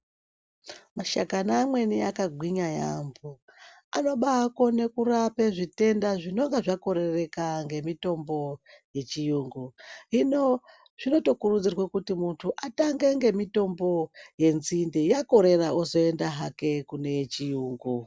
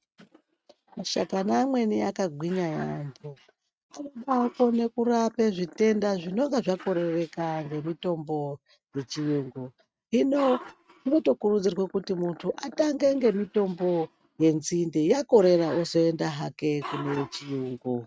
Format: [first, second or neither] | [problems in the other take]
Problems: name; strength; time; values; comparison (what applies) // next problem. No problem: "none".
first | noise reduction (neural mask model RNNoise)